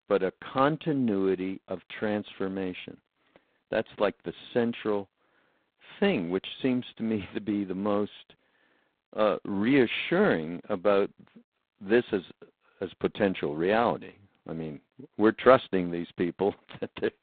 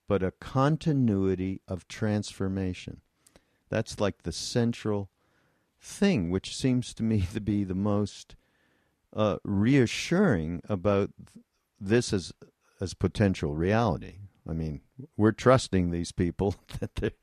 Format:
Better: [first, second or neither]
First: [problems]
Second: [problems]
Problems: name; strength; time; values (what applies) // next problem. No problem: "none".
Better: second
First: phone-call audio; poor line; nothing above 4 kHz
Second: none